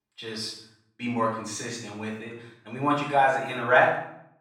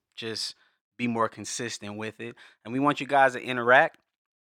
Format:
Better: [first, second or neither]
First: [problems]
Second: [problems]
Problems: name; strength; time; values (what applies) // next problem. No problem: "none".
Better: second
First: off-mic speech; far // room echo; noticeable; dies away in 0.6 s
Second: none